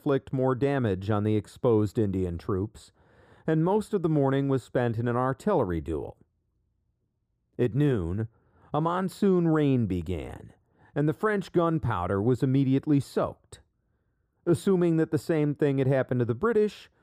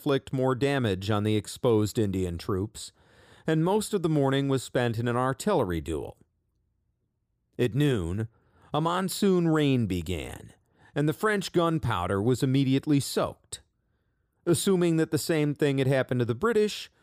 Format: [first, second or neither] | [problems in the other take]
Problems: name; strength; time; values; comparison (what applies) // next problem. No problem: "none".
second | muffled; slightly; fading above 2 kHz